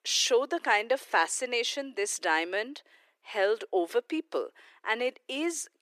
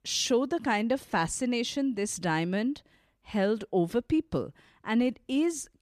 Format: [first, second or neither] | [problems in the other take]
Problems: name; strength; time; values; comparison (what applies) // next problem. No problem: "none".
second | thin; very; fading below 350 Hz